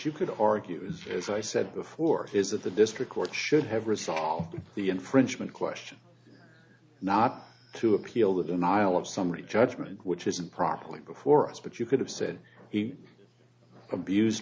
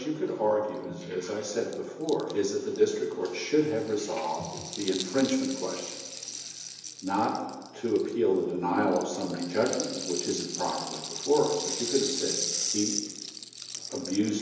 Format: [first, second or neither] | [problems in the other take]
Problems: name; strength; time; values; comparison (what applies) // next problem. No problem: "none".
first | background sound (Rattle (instrument)); 9 dB below the speech // room echo; dies away in 1 s